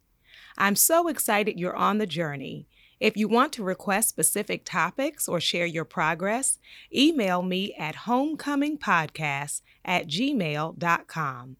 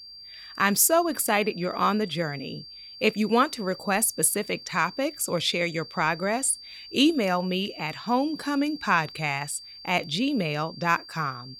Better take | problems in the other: first | high-pitched whine; noticeable; throughout; 4.5 kHz, 15 dB below the speech

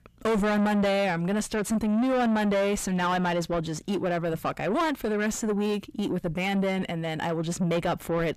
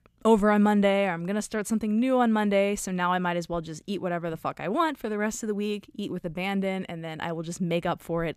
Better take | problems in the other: second | distortion; heavy; 5 dB below the speech

